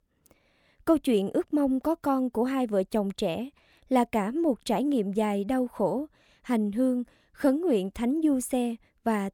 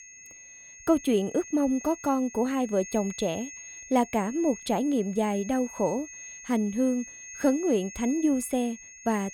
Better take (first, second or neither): first